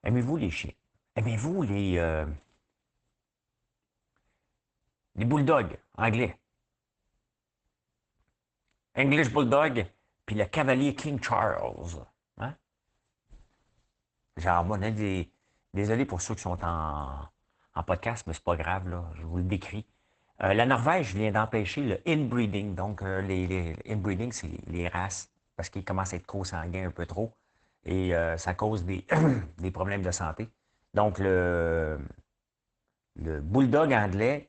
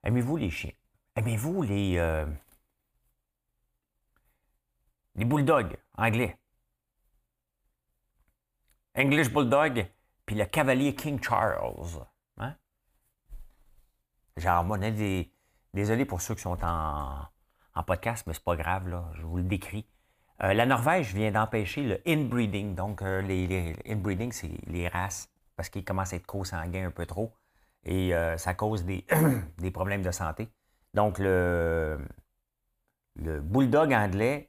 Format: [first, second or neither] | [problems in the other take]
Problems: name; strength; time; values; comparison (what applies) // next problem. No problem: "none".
second | garbled, watery; badly; nothing above 8 kHz